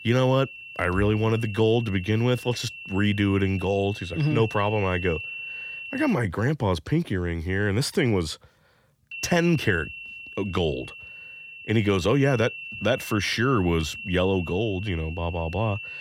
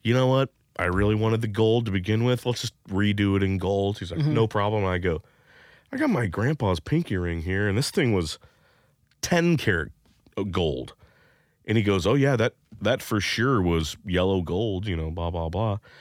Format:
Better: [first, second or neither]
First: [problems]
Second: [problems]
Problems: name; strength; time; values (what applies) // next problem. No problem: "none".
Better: second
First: high-pitched whine; noticeable; until 6 s and from 9 s on; 2.5 kHz, 10 dB below the speech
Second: none